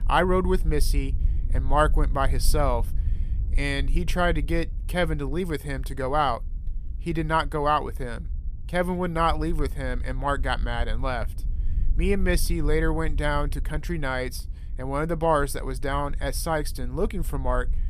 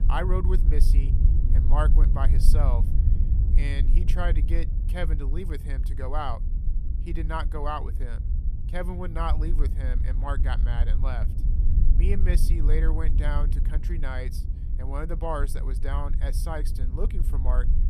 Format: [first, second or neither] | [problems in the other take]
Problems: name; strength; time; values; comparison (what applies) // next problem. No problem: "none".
first | low rumble; loud; throughout; 10 dB below the speech; faint in the first